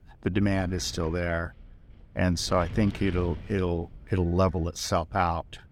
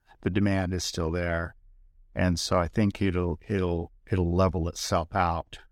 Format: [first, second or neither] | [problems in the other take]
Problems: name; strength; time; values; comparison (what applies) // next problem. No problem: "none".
second | wind noise on the microphone; occasional gusts; 20 dB below the speech